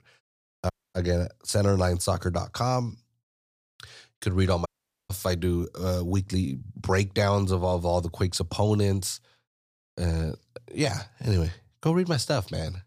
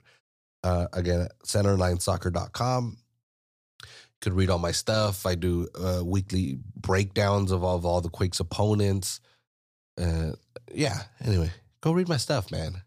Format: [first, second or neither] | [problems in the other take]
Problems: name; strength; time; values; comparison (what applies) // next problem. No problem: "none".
second | audio cutting out; at 0.5 s and at 4.5 s